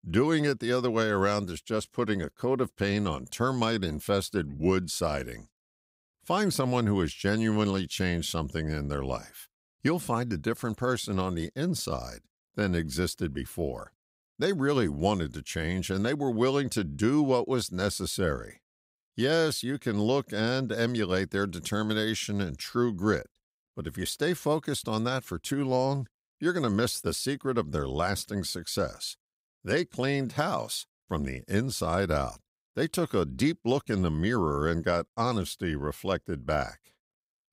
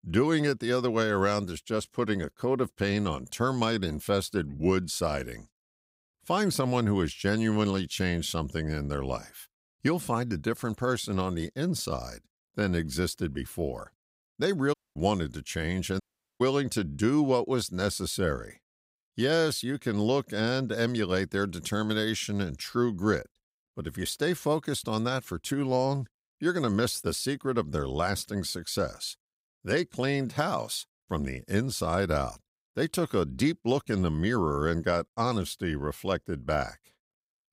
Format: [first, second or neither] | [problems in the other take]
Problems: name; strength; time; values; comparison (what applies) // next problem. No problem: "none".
first | audio cutting out; at 15 s and at 16 s